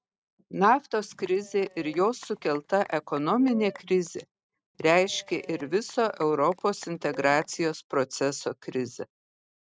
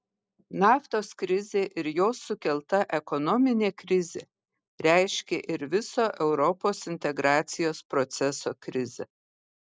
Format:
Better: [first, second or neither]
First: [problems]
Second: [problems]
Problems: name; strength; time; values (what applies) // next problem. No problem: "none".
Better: second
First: noise reduction (neural mask model RNNoise)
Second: none